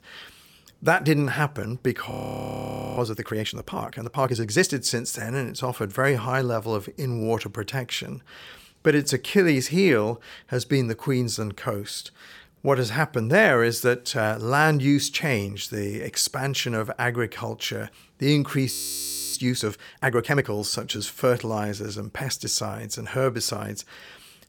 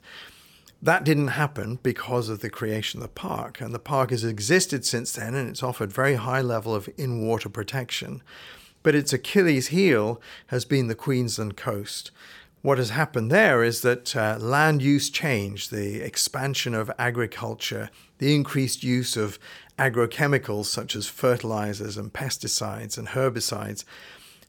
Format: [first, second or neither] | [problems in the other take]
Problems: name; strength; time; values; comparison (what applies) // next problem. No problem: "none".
second | audio freezing; at 2 s for 1 s and at 19 s for 0.5 s